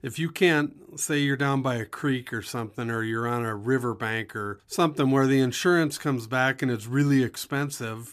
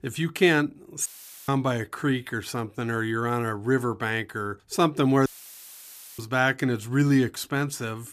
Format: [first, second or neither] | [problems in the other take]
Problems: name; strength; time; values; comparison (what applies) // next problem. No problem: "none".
first | audio cutting out; filled with static; at 1 s and at 5.5 s for 1 s